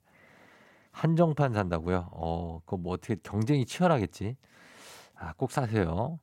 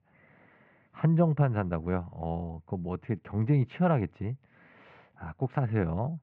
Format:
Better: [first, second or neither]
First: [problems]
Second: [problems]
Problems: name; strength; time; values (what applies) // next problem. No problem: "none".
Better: first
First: none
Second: muffled; very; fading above 2.5 kHz